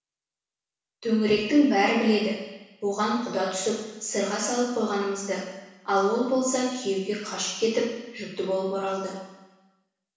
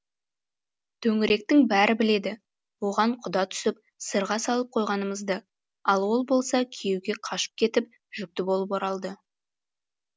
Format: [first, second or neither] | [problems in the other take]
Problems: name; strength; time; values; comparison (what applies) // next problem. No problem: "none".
second | room echo; dies away in 1.1 s